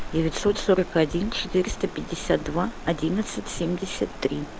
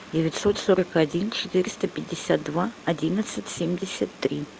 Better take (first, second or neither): second